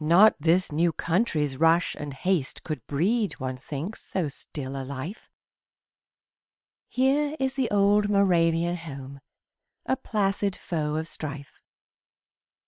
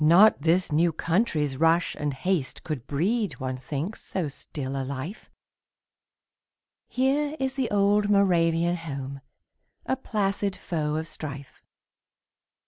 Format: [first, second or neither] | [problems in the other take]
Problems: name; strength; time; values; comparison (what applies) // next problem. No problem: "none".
second | noise reduction (neural separator model SepFormer WHAM!)